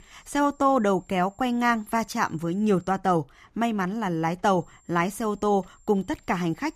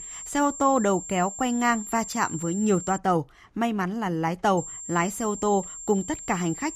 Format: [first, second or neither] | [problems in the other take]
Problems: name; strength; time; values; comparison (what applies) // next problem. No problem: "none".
first | high-pitched whine; loud; until 3 s and from 4.5 s on; 7.5 kHz, 10 dB below the speech; faint in the first